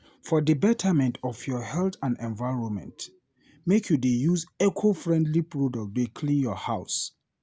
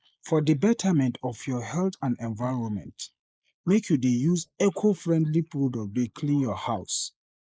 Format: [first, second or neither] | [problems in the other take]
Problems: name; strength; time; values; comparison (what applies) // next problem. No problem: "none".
first | noise reduction (neural mask model Resemble Enhance denoiser)